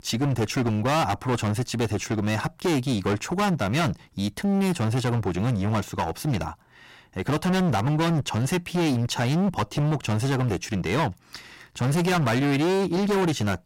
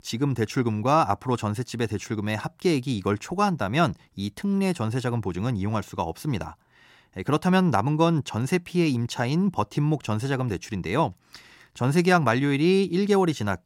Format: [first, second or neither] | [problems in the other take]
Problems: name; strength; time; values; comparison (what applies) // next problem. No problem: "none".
second | distortion; heavy; 27% of the sound clipped